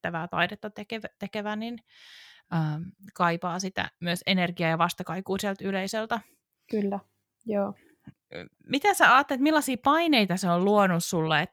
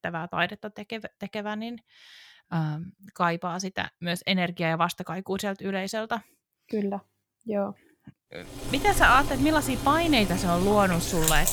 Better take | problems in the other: first | household noises; loud; from 8.5 s on; 5 dB below the speech

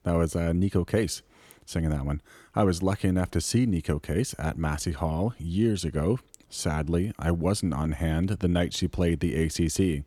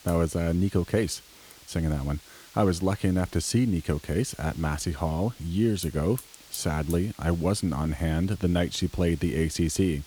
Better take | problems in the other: first | hiss; noticeable; throughout; 20 dB below the speech

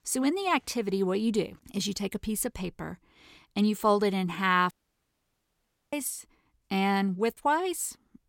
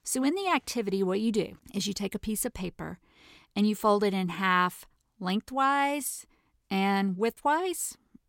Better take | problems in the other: second | audio cutting out; at 4.5 s for 1 s

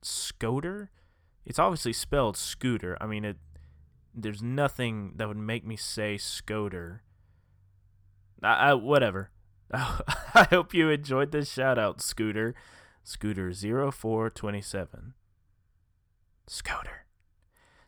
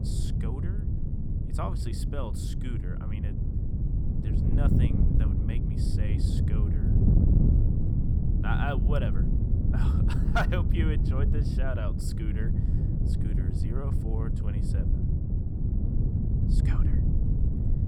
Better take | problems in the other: first | wind noise on the microphone; heavy; 1 dB below the speech

